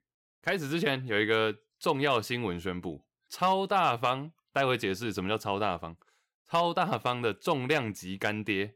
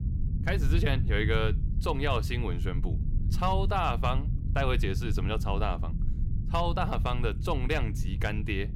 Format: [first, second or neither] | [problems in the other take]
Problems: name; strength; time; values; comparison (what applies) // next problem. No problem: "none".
first | low rumble; noticeable; throughout; 15 dB below the speech